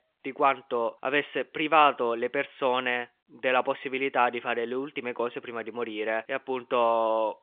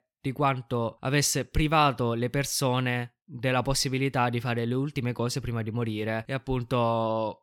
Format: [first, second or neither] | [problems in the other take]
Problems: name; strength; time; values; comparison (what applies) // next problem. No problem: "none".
second | phone-call audio